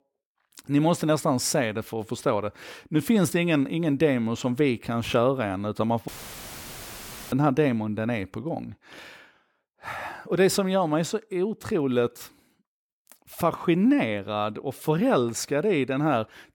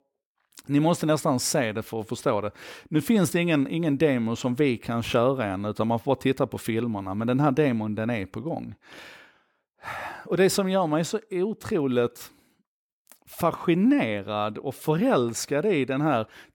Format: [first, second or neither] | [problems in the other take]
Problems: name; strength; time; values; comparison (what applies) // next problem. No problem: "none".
second | audio cutting out; filled with static; at 6 s for 1 s